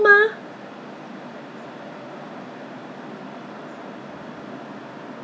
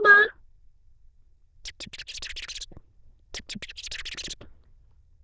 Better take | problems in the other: first | noise reduction (neural diffusion model UNIVERSE++)

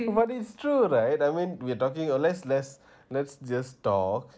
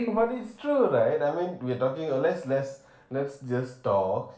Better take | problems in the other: first | room echo; dies away in 0.4 s

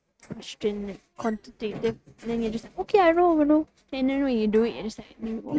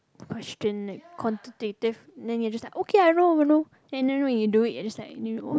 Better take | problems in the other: second | noise reduction (neural mask model RNNoise)

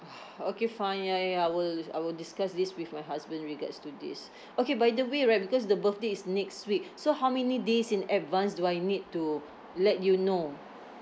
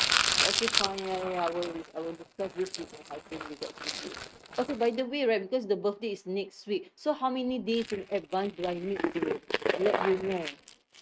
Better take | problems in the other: first | noise reduction (neural mask model RNNoise)

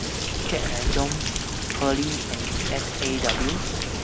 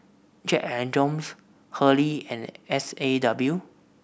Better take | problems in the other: second | background sound (Rain); 4 dB above the speech

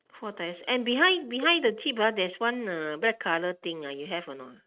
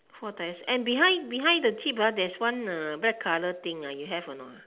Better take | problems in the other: second | noise reduction (neural mask model RNNoise)

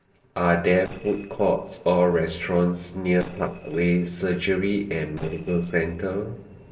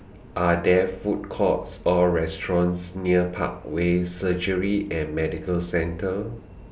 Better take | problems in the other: second | noise reduction (neural separator model SepFormer DNS4)

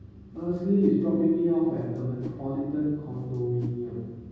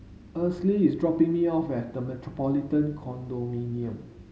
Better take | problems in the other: second | background sound (Whoosh, swoosh, swish); 17 dB below the speech // room echo; dies away in 1.3 s

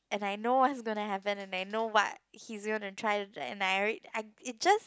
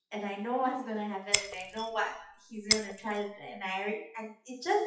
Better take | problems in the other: first | noise reduction (classical method WPE with log-MMSE)

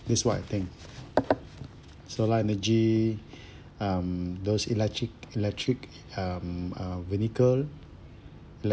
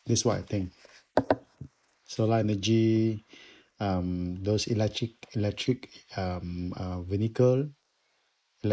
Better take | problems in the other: first | noise reduction (neural mask model Resemble Enhance denoiser)

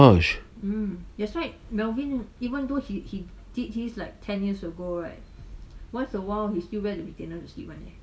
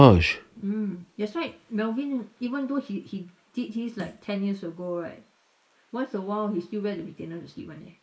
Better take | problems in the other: first | noise reduction (neural mask model Resemble Enhance denoiser)

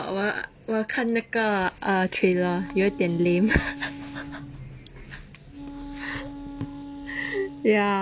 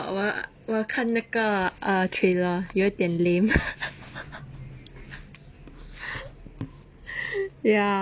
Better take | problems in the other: second | background sound (Wind instrument, woodwind instrument); 13 dB below the speech

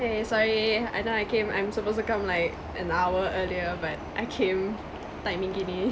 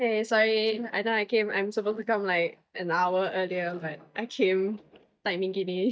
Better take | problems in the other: first | noise reduction (neural mask model DeepFilterNet 3)

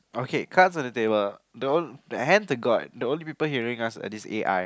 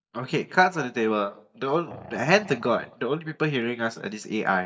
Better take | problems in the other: first | noise reduction (neural mask model DeepFilterNet 3)

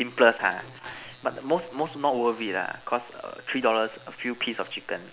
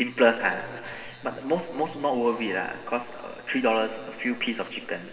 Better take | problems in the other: first | room echo; dies away in 2.1 s

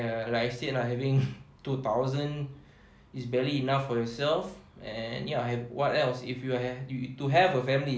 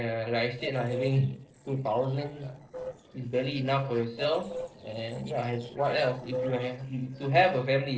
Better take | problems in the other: first | noise reduction (neural separator model SepFormer DNS4)

